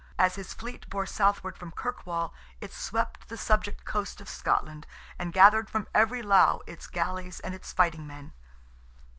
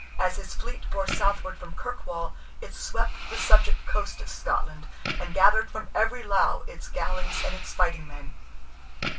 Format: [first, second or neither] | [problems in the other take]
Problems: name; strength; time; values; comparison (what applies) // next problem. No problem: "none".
first | background sound (Fireworks); 16 dB below the speech // room echo; dies away in 0.2 s